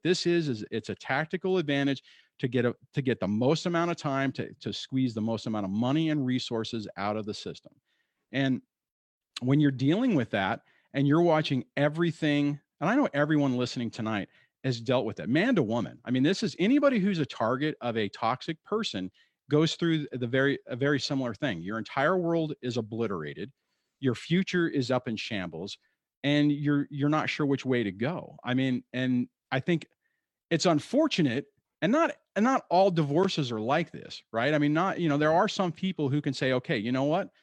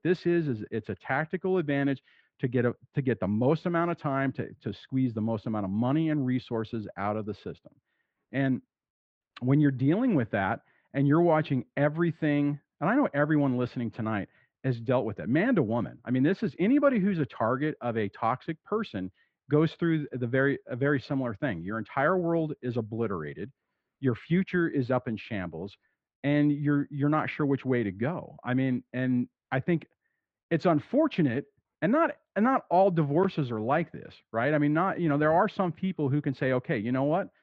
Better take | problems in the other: first | muffled; very; fading above 1.5 kHz

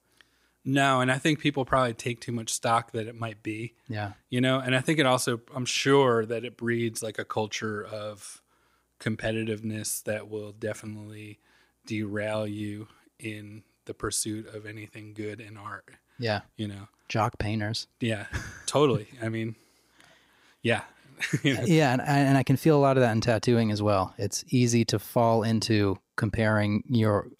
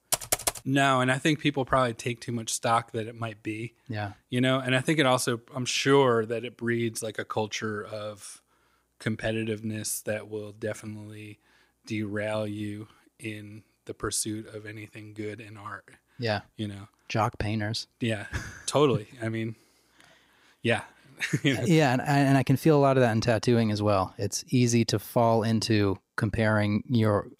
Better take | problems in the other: first | keyboard typing; noticeable; at the start; peak level with the speech

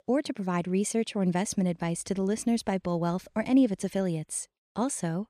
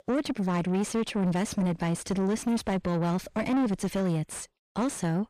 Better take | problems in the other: first | distortion; heavy; 7 dB below the speech

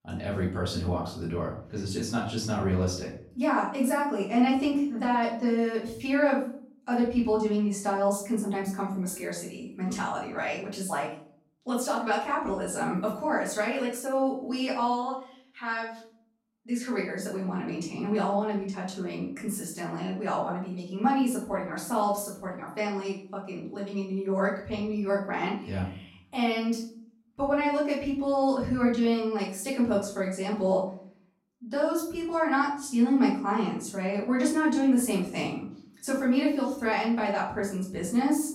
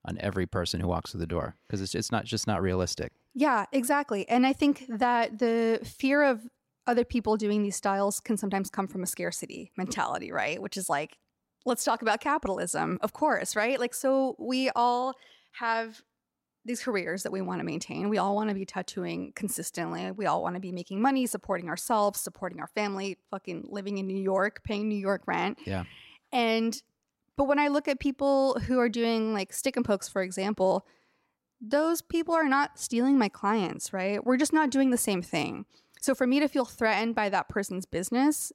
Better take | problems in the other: second | off-mic speech; far // room echo; noticeable; dies away in 0.5 s

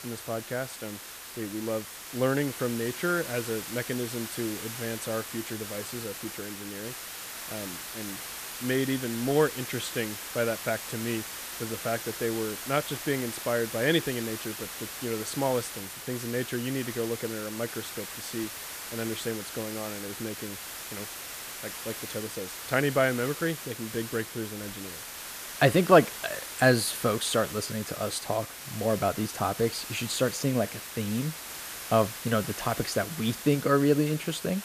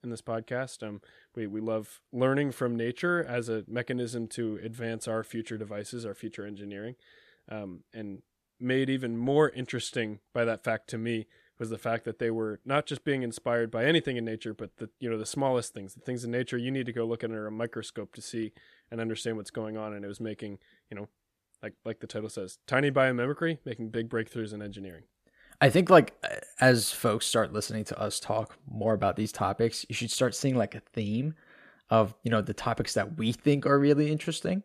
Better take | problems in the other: second | hiss; loud; throughout; 8 dB below the speech

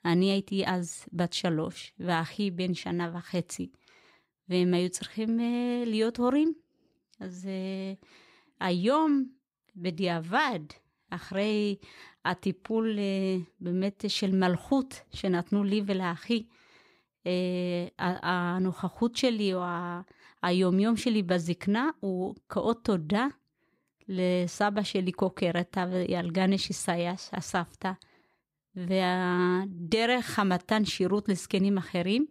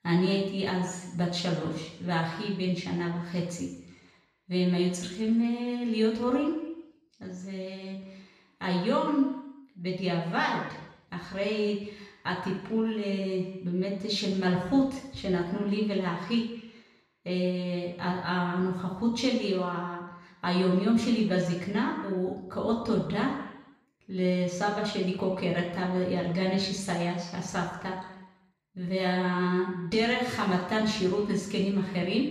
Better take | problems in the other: first | room echo; noticeable; dies away in 0.9 s // off-mic speech; far

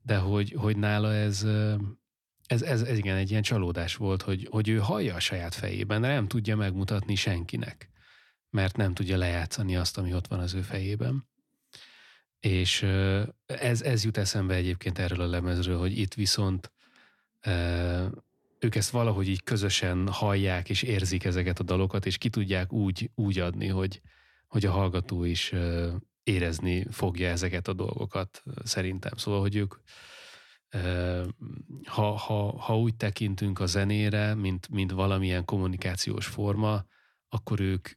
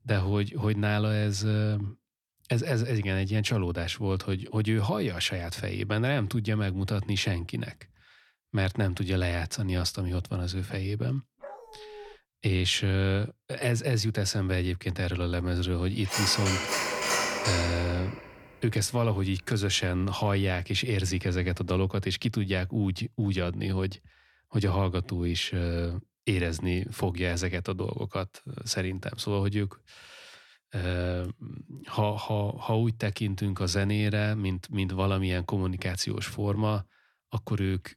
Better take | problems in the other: first | dog barking; faint; at 11 s; peak 15 dB below the speech // phone ringing; loud; from 16 to 18 s; peak 3 dB above the speech

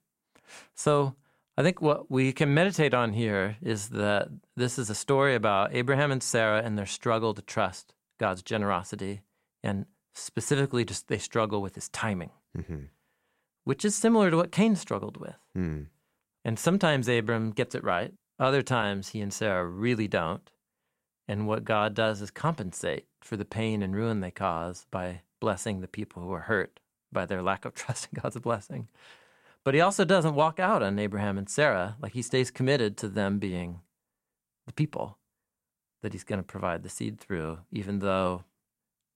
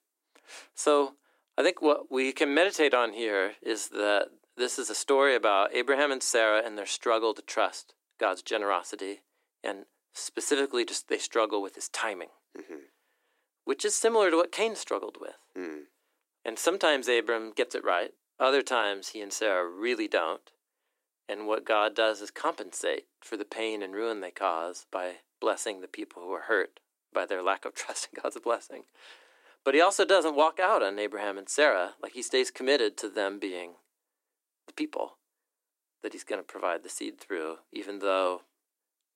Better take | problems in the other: first | thin; somewhat; fading below 300 Hz

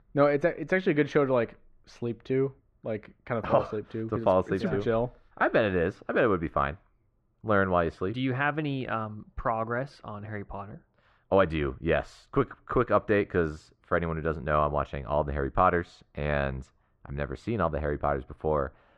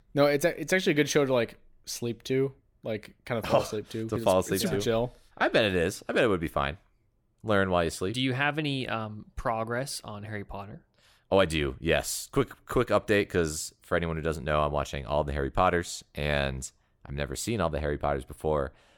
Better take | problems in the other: second | muffled; very; fading above 2 kHz

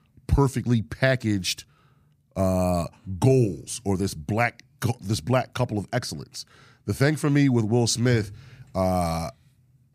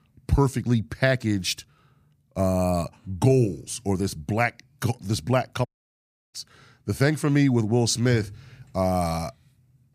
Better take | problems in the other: first | audio cutting out; at 5.5 s for 0.5 s

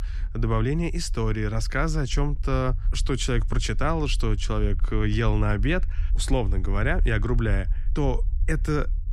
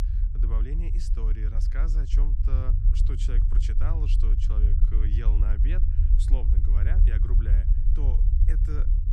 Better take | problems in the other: first | low rumble; loud; throughout; 1 dB below the speech; faint in the first

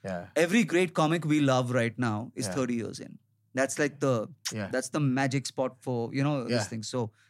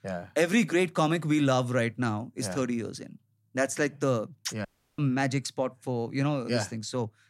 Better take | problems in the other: first | audio cutting out; at 4.5 s

